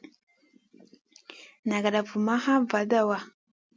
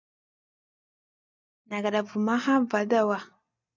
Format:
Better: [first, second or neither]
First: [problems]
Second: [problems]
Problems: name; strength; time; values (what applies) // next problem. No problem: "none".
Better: first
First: none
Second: noise reduction (neural mask model DeepFilterNet 3)